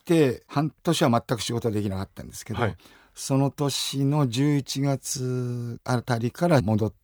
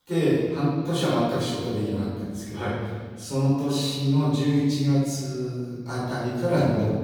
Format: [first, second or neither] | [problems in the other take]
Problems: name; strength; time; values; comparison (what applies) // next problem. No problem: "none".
first | room echo; strong; dies away in 1.5 s // off-mic speech; far